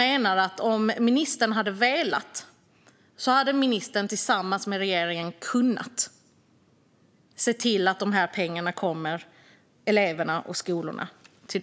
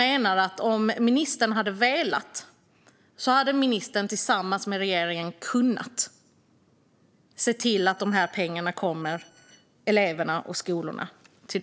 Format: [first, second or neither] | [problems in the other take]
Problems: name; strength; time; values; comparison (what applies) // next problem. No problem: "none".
first | noise reduction (neural separator model SepFormer DNS4)